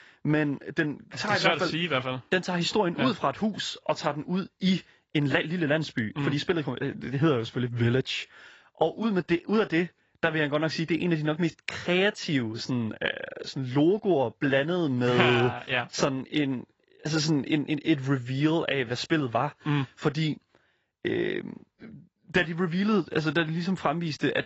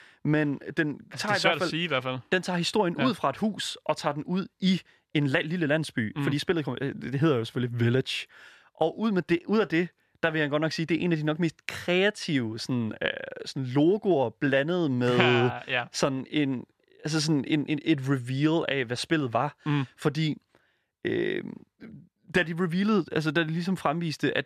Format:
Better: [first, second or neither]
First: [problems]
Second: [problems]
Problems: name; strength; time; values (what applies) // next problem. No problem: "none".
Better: second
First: garbled, watery; badly; nothing above 7.5 kHz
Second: none